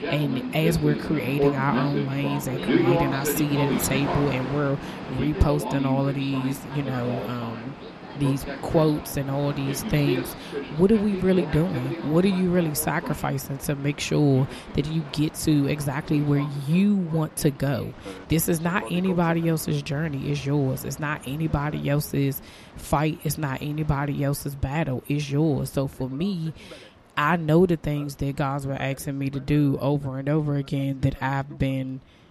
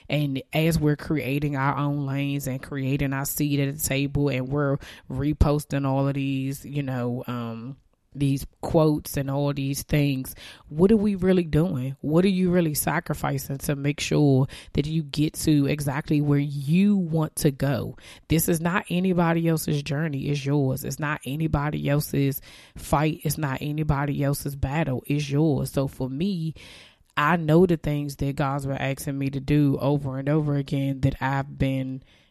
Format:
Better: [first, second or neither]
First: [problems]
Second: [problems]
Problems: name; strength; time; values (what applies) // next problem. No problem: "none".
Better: second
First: train or aircraft noise; loud; throughout; 6 dB below the speech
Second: none